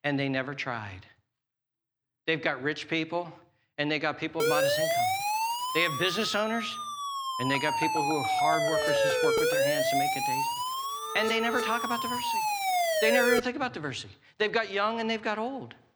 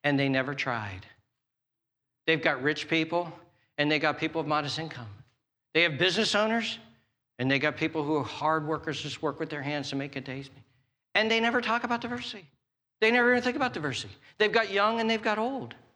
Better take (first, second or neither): second